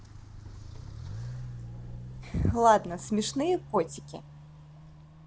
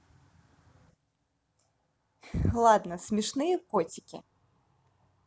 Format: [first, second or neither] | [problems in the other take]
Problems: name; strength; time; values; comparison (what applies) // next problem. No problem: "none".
second | background sound (Walk, footsteps); 12 dB below the speech